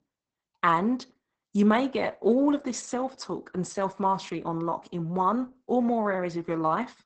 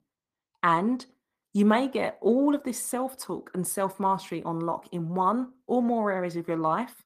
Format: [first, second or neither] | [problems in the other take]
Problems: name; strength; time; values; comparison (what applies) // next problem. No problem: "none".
second | garbled, watery; badly; nothing above 8 kHz; slightly in the second